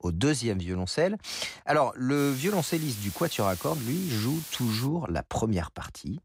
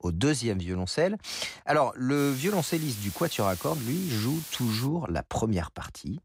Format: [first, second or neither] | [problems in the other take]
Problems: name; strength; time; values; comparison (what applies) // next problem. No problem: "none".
neither | hiss; loud; from 2 to 5 s; 10 dB below the speech; the same in both